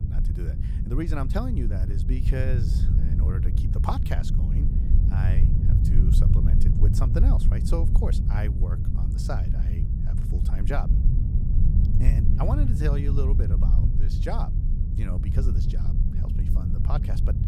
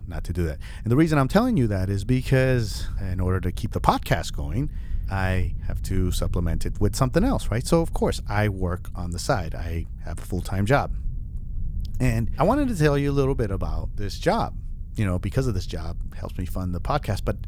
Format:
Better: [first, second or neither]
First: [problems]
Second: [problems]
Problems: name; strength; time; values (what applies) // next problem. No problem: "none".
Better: second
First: low rumble; loud; throughout; 2 dB below the speech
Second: low rumble; faint; throughout; 25 dB below the speech